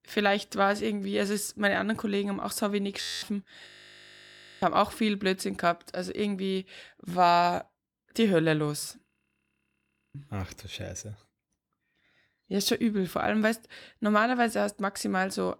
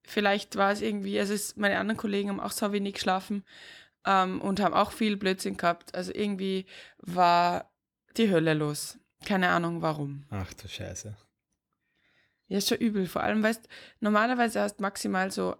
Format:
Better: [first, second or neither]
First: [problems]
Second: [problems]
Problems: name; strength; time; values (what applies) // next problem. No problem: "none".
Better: second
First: audio freezing; at 3 s, at 3.5 s for 1 s and at 9 s for 1 s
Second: none